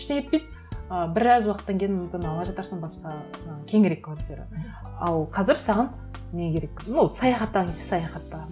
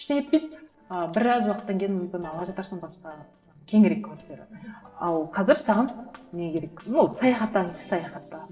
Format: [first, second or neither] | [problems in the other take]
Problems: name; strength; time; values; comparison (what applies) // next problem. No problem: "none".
first | noise reduction (neural separator model SepFormer DNS4)